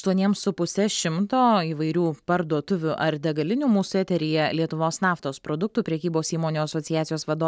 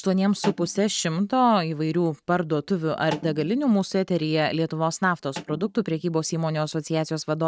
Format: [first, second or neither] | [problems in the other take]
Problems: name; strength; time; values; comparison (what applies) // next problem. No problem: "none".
first | noise reduction (neural mask model RNNoise)